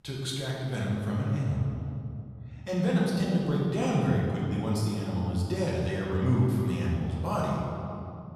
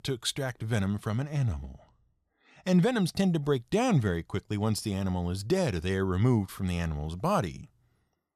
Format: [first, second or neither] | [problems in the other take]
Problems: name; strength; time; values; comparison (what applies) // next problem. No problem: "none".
second | room echo; strong; dies away in 2.4 s // off-mic speech; far